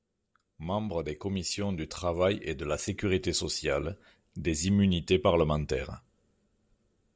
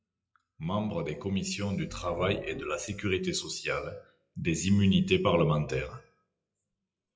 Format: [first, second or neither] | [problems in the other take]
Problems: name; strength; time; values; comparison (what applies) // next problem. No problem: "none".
first | noise reduction (classical method WPE with log-MMSE)